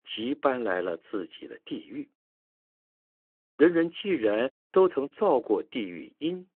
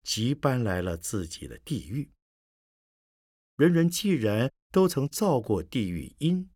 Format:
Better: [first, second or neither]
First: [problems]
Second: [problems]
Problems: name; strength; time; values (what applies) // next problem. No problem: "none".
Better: second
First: phone-call audio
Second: none